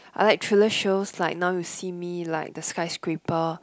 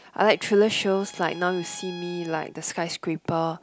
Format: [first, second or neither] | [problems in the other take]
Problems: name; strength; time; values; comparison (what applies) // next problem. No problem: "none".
first | background sound (Bowed string instrument); 20 dB below the speech